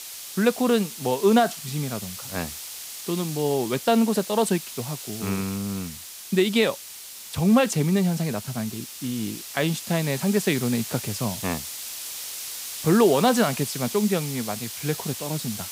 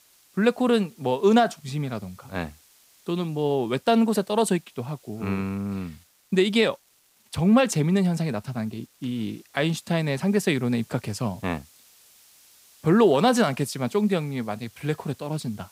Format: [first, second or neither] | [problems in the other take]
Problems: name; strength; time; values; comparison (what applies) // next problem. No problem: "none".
second | hiss; loud; throughout; 9 dB below the speech; faint in the second